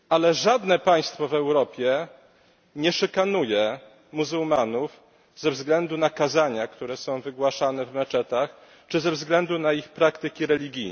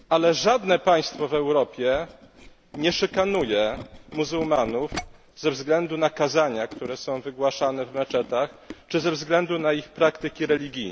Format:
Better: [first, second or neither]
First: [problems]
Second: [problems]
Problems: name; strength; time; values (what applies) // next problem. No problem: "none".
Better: first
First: none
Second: background sound (Tools); 19 dB below the speech